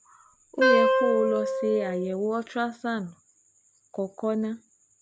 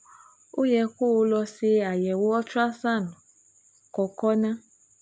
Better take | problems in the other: second | background sound (Wind instrument, woodwind instrument); 4 dB above the speech

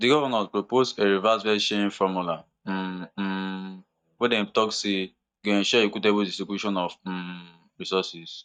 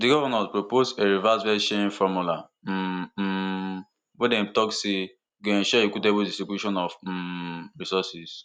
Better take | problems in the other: second | noise reduction (neural mask model DeepFilterNet 3)

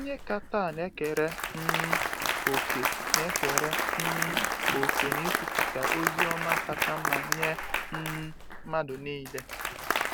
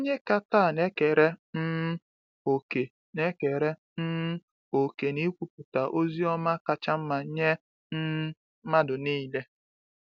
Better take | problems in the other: second | background sound (Applause); 4 dB above the speech

